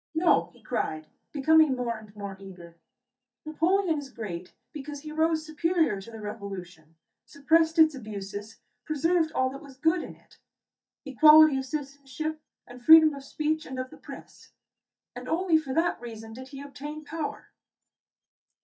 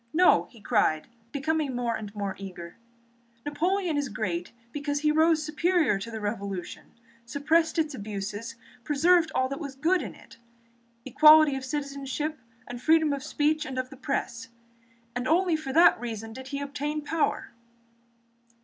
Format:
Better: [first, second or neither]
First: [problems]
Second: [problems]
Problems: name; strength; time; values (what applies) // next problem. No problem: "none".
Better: second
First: noise reduction (neural mask model DeepFilterNet 3)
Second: none